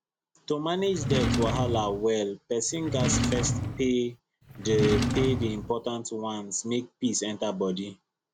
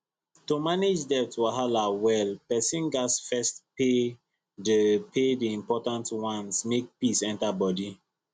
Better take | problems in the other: second | background sound (Drawer open or close); as loud as the speech

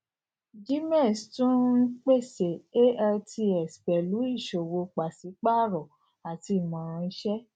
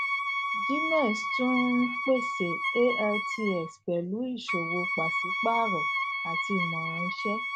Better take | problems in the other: first | background sound (Wind instrument, woodwind instrument); 1 dB below the speech

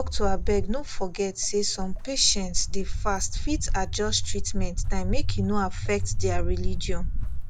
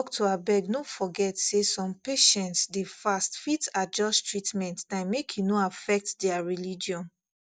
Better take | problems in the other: second | background sound (Walk, footsteps); 5 dB above the speech

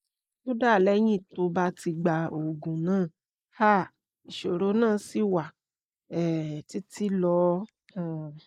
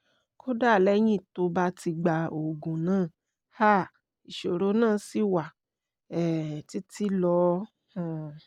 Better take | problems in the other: second | noise reduction (neural mask model Resemble Enhance denoiser)

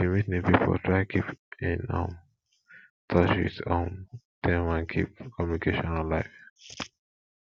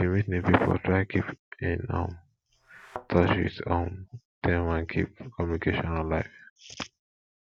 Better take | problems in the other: first | background sound (Thump, thud); 17 dB below the speech

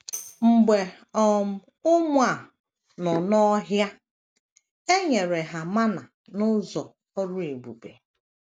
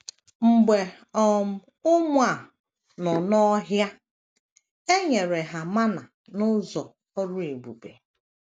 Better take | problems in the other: second | background sound (Tambourine); 18 dB below the speech

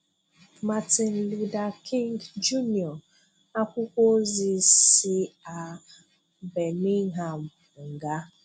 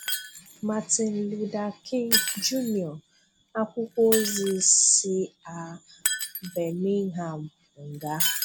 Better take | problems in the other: first | background sound (Shatter); 6 dB below the speech

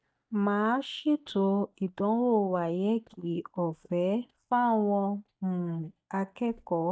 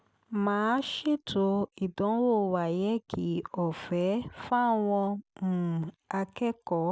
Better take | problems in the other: second | noise reduction (neural mask model DeepFilterNet 3)

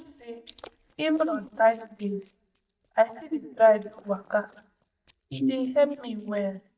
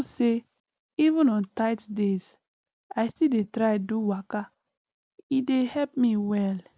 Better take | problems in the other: second | noise reduction (neural mask model DeepFilterNet 3)

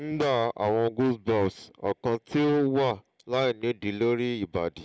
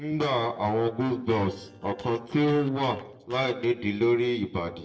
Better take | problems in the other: first | noise reduction (neural separator model SepFormer DNS4)

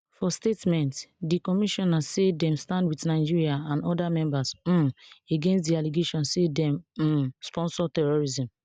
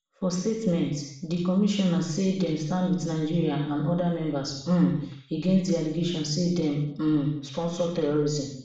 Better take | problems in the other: first | room echo; dies away in 0.6 s

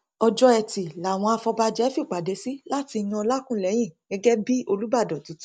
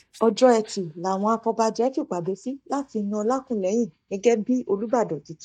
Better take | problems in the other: first | noise reduction (neural mask model DeepFilterNet 3)

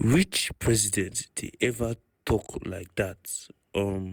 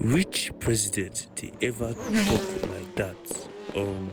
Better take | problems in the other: first | background sound (Race car, auto racing / Accelerating, revving, vroom); 4 dB below the speech

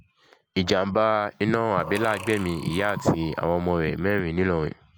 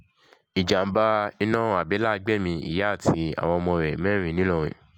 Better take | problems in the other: second | background sound (Breathing); 12 dB below the speech

